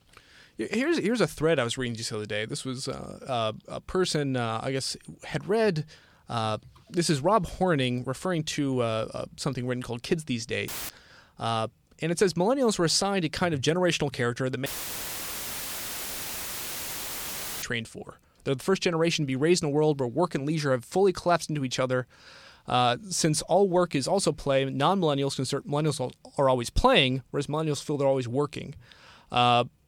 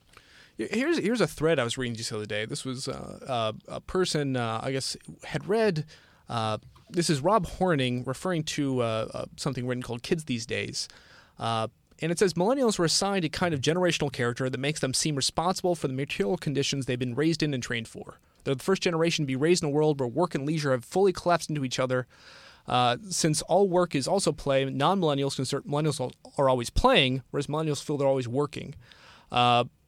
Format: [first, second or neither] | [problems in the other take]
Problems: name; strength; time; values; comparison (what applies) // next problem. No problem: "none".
second | audio cutting out; filled with static; at 11 s and at 15 s for 3 s